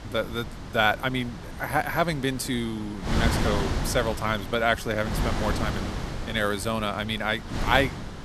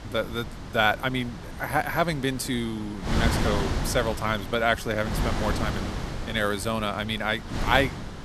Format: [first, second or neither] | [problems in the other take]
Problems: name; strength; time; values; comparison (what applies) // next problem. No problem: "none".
neither | wind noise on the microphone; heavy; 9 dB below the speech; the same in both